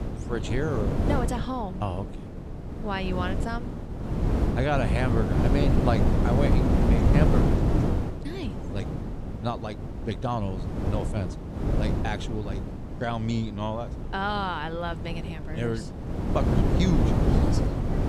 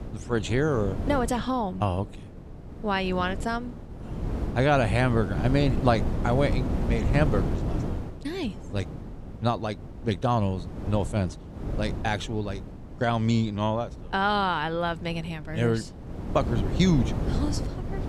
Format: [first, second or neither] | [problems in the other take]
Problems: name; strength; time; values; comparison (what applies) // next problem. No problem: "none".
second | wind noise on the microphone; heavy; 2 dB below the speech; occasional gusts in the second